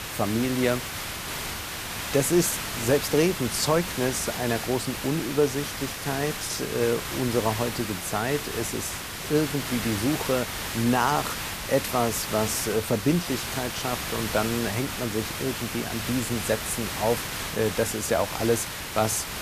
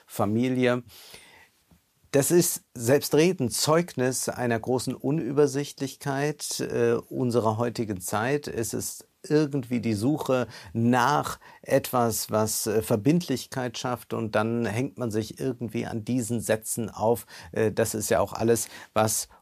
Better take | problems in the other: second | hiss; loud; throughout; 4 dB below the speech

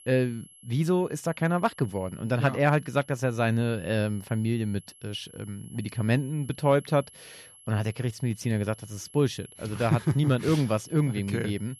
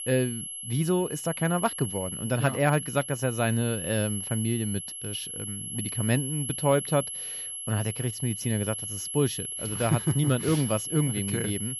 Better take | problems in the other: first | high-pitched whine; loud; throughout; 11 kHz, 5 dB below the speech; faint in the first

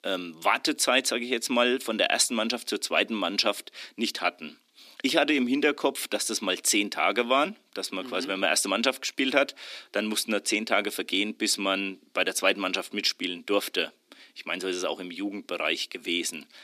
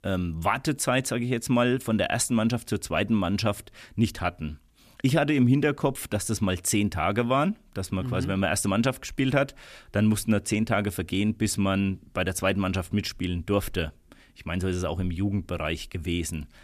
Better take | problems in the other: second | thin; somewhat; fading below 250 Hz

